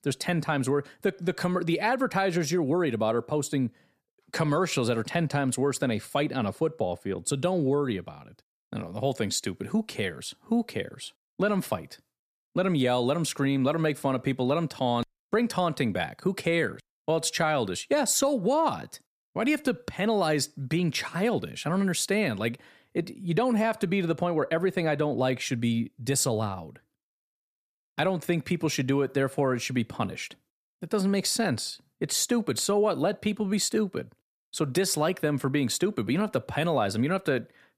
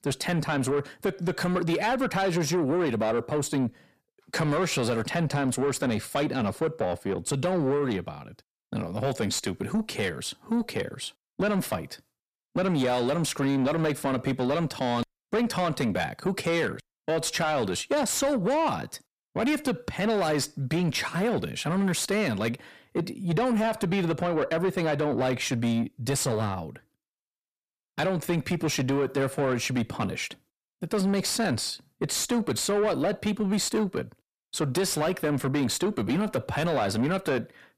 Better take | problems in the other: first | distortion; slight; 10 dB below the speech

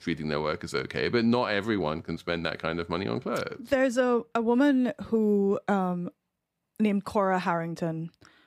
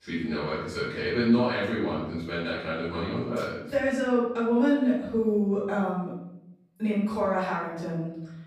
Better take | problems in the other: first | off-mic speech; far // room echo; noticeable; dies away in 0.7 s

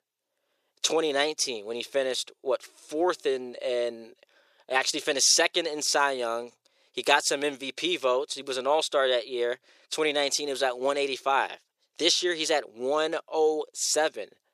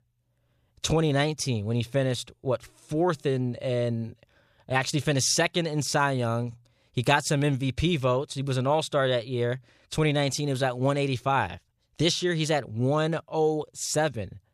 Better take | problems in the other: second | thin; very; fading below 350 Hz

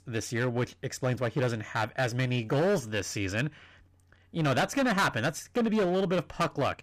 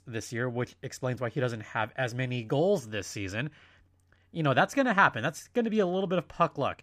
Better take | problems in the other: second | distortion; heavy; 11% of the sound clipped

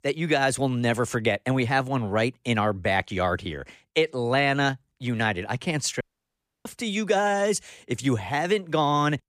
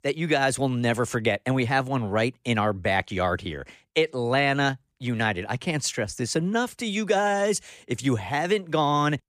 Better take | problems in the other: second | audio cutting out; at 6 s for 0.5 s

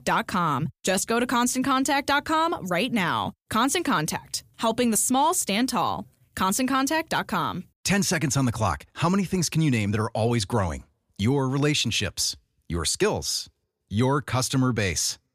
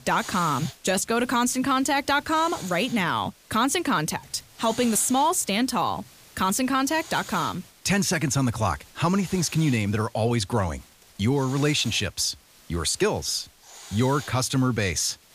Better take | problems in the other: first | hiss; noticeable; throughout; 20 dB below the speech

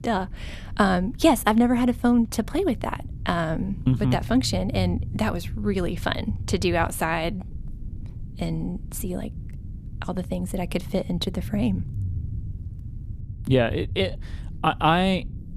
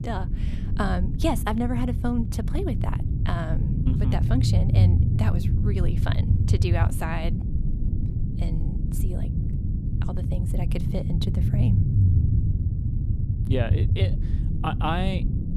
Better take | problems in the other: first | low rumble; loud; throughout; 5 dB below the speech; faint in the first

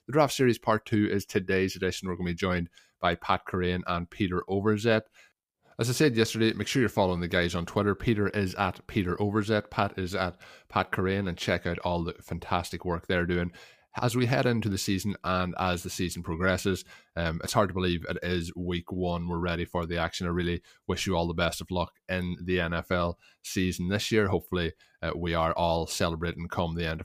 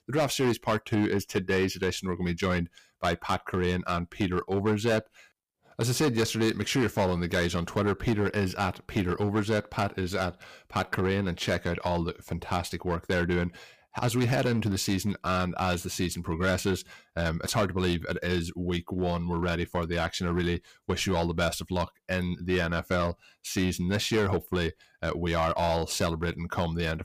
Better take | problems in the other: first | distortion; slight; 6% of the sound clipped

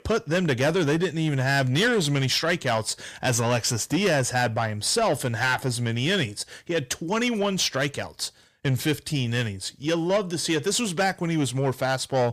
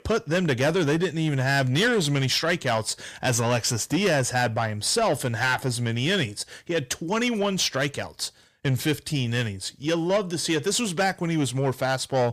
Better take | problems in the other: neither | distortion; slight; 10 dB below the speech; the same in both

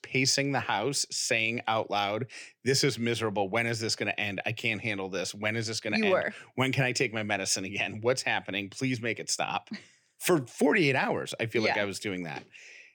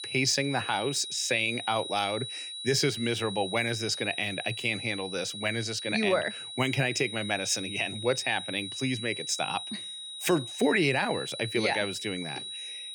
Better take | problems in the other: first | high-pitched whine; loud; throughout; 4 kHz, 7 dB below the speech

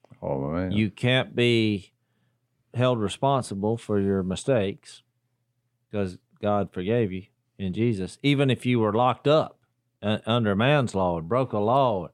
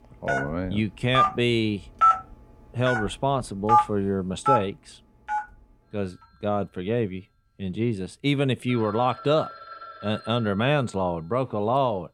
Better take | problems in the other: first | alarms or sirens; very loud; throughout; 1 dB above the speech

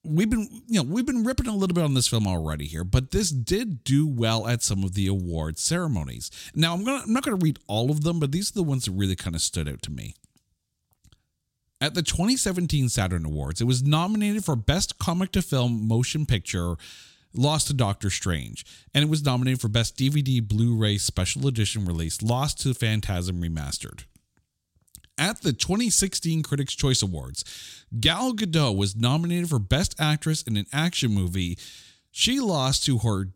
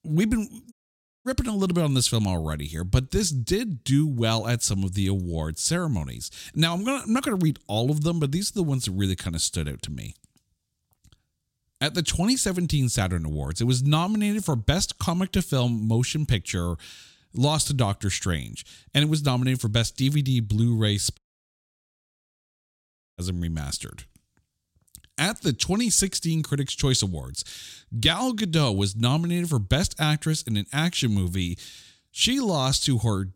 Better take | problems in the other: first | audio cutting out; at 0.5 s for 0.5 s and at 21 s for 2 s

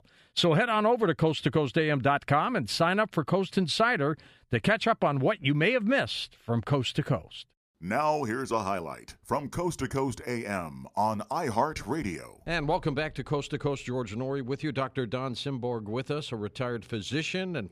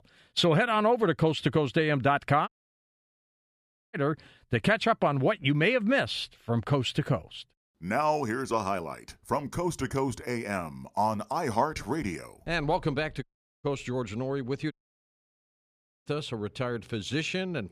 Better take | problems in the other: first | audio cutting out; at 2.5 s for 1.5 s, at 13 s and at 15 s for 1.5 s

